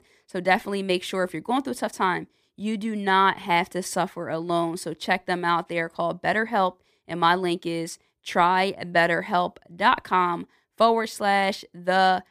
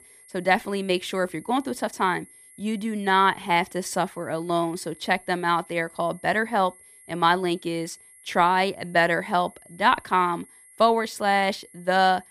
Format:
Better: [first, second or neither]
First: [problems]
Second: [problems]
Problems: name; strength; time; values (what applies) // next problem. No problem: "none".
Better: first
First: none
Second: high-pitched whine; faint; throughout; 11 kHz, 25 dB below the speech